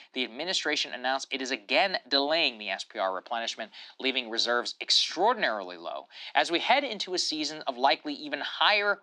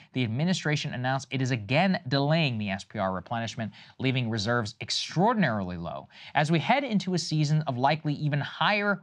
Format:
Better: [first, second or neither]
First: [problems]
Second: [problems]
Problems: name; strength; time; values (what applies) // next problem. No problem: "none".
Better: second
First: thin; somewhat; fading below 300 Hz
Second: none